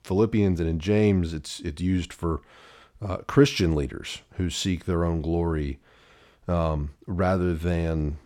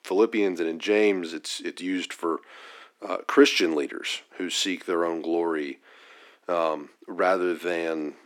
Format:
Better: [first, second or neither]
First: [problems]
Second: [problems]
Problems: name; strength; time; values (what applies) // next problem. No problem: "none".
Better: first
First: none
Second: thin; somewhat; fading below 250 Hz